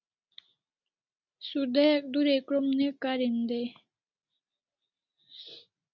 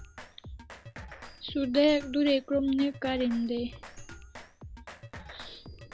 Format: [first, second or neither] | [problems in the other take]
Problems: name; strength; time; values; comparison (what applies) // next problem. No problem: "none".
first | background sound (Drum kit); 15 dB below the speech